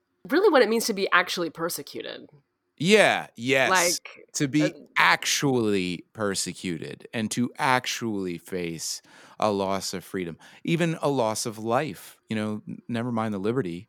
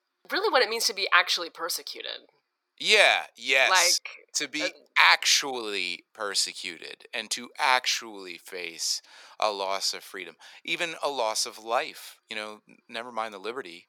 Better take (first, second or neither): first